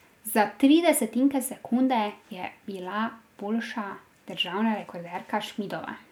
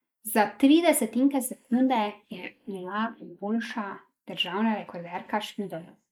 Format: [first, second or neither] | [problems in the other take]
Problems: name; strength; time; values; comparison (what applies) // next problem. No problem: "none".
first | noise reduction (neural mask model Resemble Enhance denoiser)